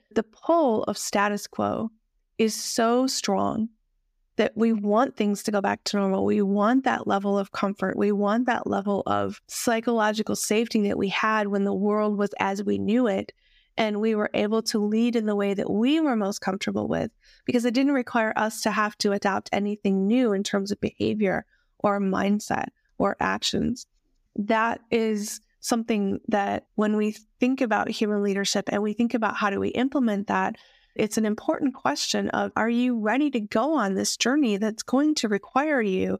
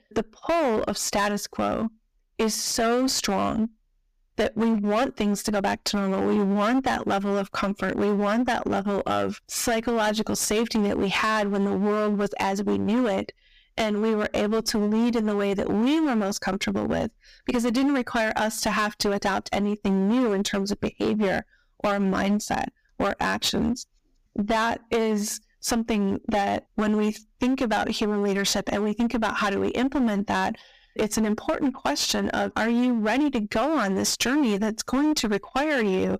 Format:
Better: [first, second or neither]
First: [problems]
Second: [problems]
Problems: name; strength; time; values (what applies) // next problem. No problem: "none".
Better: first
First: none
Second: distortion; heavy; 17% of the sound clipped